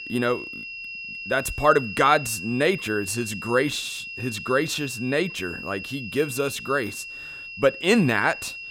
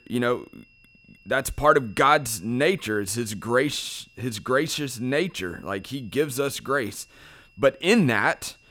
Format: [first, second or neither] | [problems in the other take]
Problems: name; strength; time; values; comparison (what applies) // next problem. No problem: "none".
second | high-pitched whine; loud; throughout; 2.5 kHz, 10 dB below the speech; faint in the second